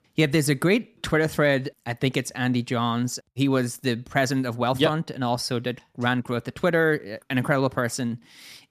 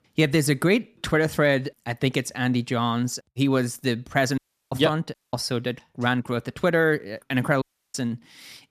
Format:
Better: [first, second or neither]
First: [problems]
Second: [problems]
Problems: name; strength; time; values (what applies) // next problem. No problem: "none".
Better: first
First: none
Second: audio cutting out; at 4.5 s, at 5 s and at 7.5 s